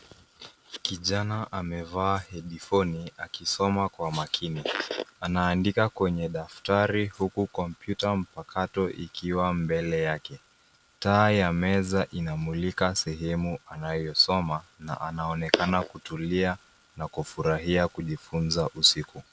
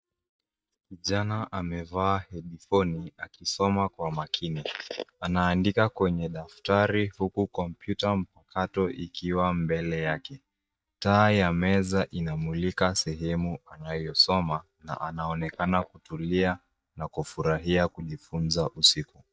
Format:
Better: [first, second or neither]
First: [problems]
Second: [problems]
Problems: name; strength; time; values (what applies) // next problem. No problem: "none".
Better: first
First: none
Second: noise reduction (neural mask model DeepFilterNet 3)